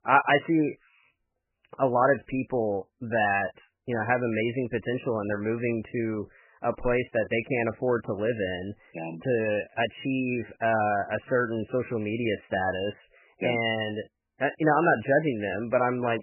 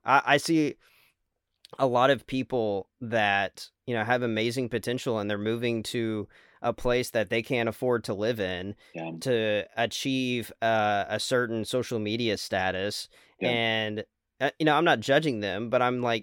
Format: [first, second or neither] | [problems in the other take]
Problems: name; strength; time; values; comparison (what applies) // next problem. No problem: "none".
second | garbled, watery; badly; nothing above 3 kHz